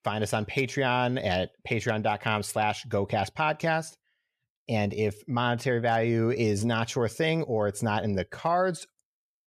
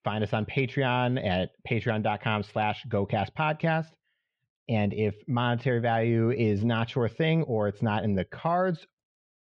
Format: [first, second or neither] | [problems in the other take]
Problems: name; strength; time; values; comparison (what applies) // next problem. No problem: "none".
first | muffled; slightly; fading above 3.5 kHz